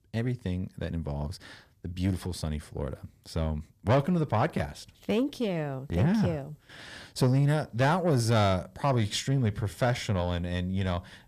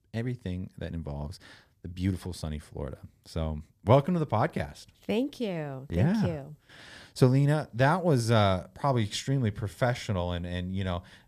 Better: second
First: distortion; slight; 10 dB below the speech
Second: none

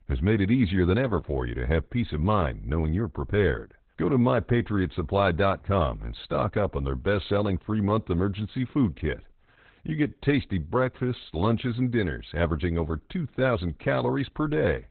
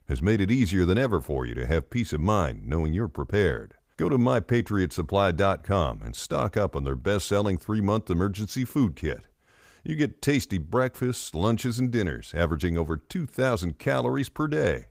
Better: second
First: garbled, watery; badly; nothing above 4 kHz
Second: garbled, watery; slightly; nothing above 15.5 kHz

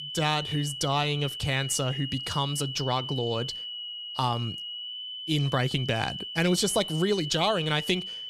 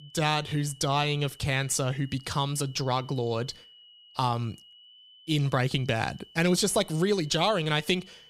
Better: second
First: high-pitched whine; loud; throughout; 3 kHz, 7 dB below the speech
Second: high-pitched whine; faint; throughout; 3 kHz, 25 dB below the speech

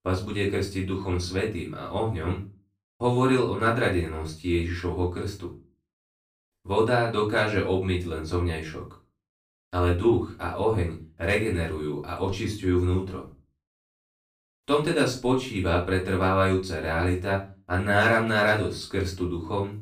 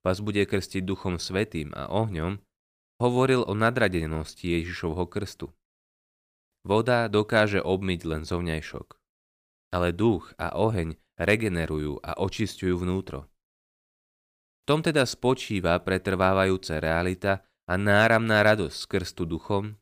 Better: second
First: off-mic speech; far // room echo; slight; dies away in 0.3 s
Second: none

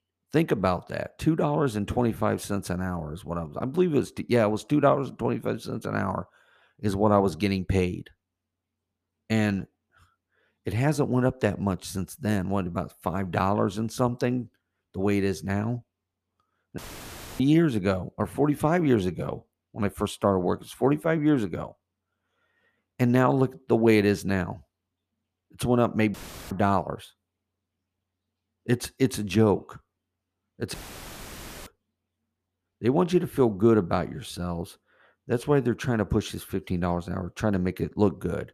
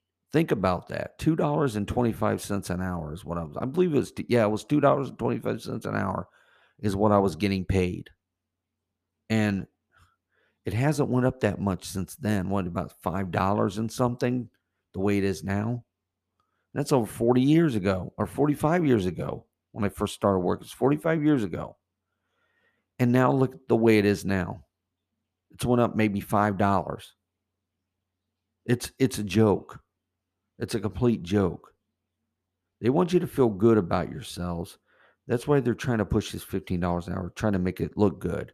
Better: second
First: audio cutting out; filled with static; at 17 s for 0.5 s, at 26 s and at 31 s for 1 s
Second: none

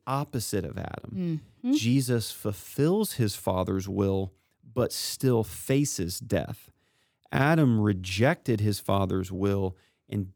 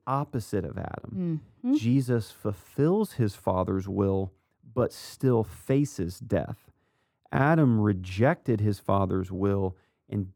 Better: first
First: none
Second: muffled; slightly; fading above 2 kHz

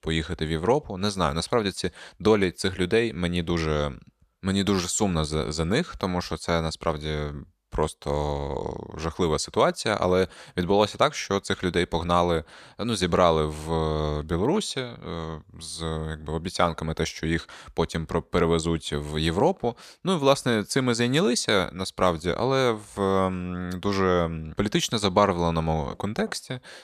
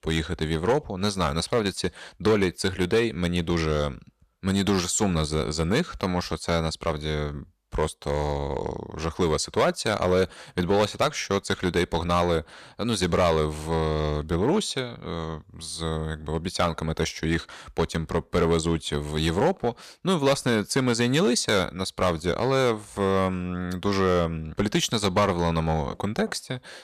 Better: first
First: none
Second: distortion; slight; 3% of the sound clipped

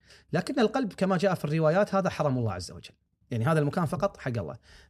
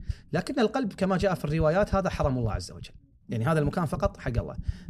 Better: first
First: none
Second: low rumble; faint; throughout; 20 dB below the speech

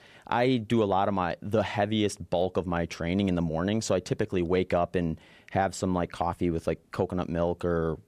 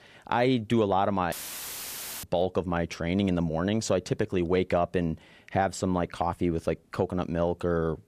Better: first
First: none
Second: audio cutting out; filled with static; at 1.5 s for 1 s

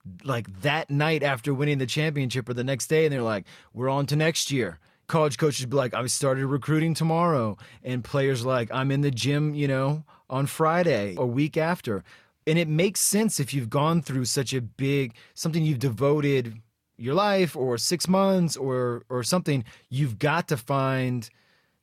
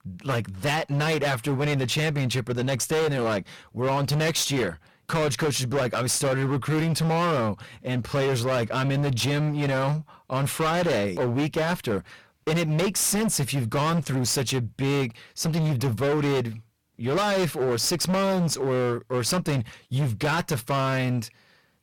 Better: first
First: none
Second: distortion; heavy; 25% of the sound clipped

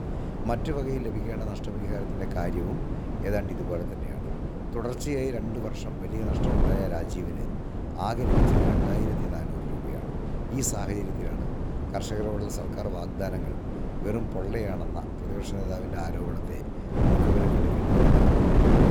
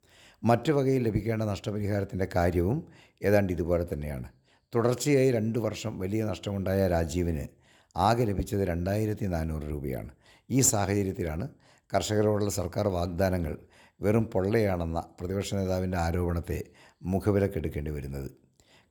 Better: second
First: wind noise on the microphone; heavy; 1 dB above the speech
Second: none

